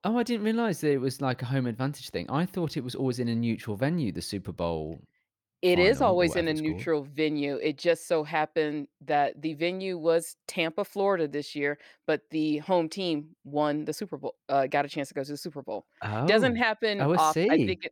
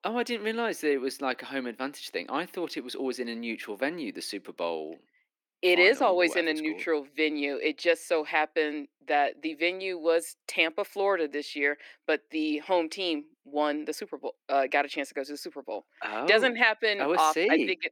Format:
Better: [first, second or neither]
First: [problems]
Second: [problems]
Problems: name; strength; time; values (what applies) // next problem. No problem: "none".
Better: first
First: none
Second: thin; very slightly; fading below 250 Hz